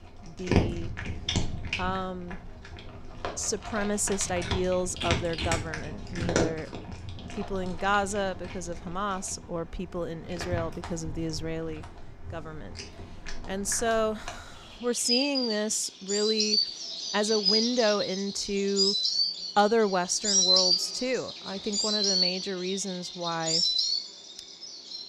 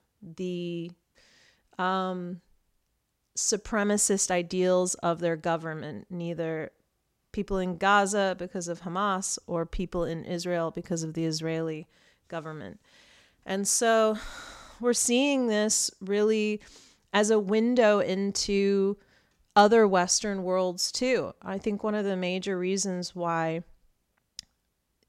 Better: second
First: animal sounds; very loud; throughout; 3 dB above the speech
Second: none

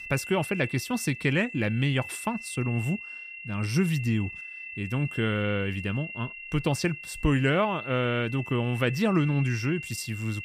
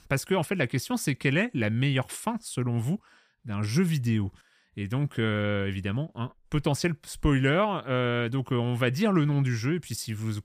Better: second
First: high-pitched whine; loud; throughout; 2.5 kHz, 10 dB below the speech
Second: none

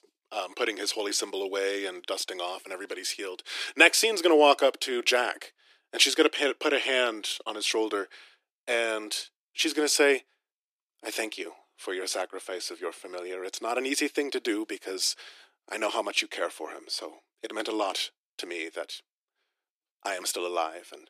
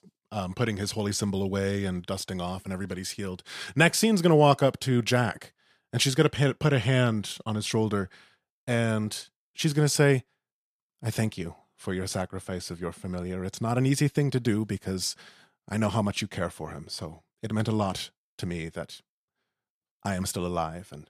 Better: second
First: thin; very; fading below 300 Hz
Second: none

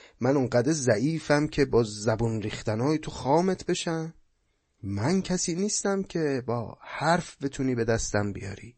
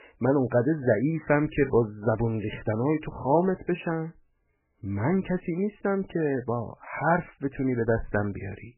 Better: first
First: garbled, watery; slightly; nothing above 8 kHz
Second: garbled, watery; badly; nothing above 3 kHz

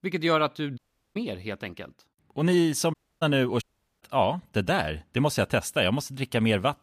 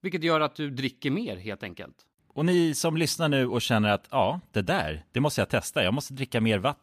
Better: second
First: audio cutting out; at 1 s, at 3 s and at 3.5 s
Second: none

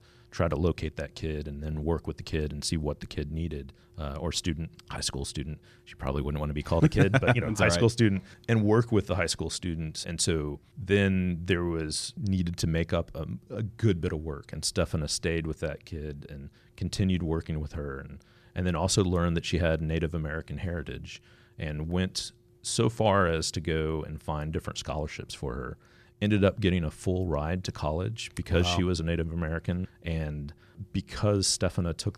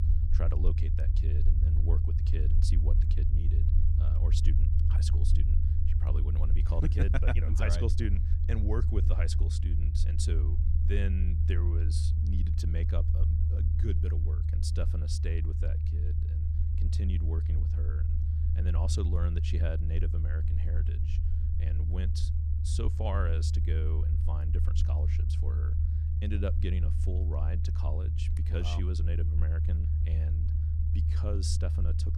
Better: first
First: none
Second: low rumble; loud; throughout; 3 dB below the speech

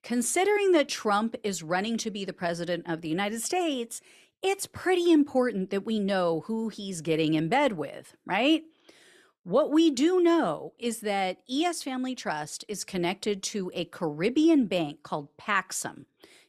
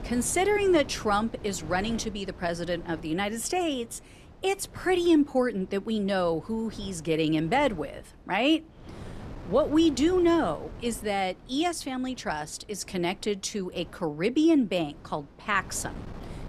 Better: first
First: none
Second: wind noise on the microphone; occasional gusts; 20 dB below the speech

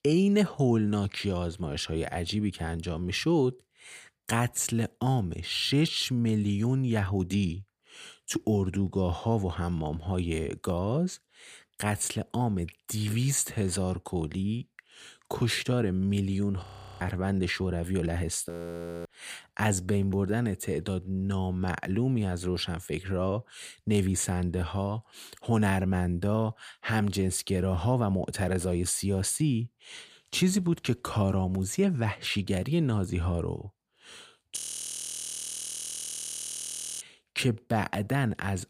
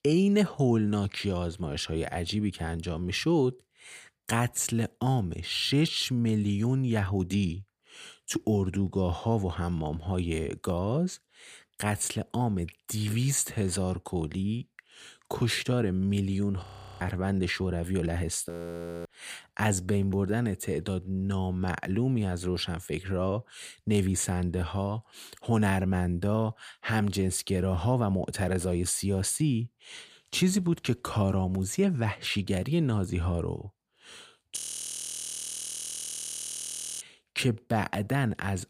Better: neither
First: audio freezing; at 17 s, at 18 s for 0.5 s and at 35 s for 2.5 s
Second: audio freezing; at 17 s, at 18 s for 0.5 s and at 35 s for 2.5 s

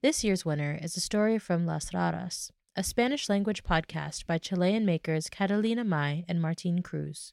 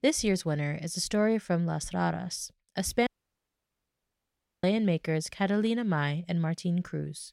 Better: first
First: none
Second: audio cutting out; at 3 s for 1.5 s

